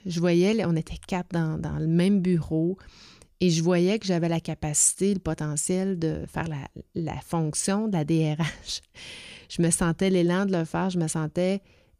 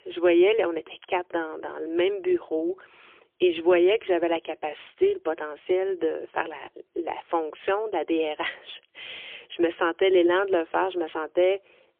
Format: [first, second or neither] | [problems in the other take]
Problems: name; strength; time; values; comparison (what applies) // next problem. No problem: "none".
first | phone-call audio; poor line; nothing above 3.5 kHz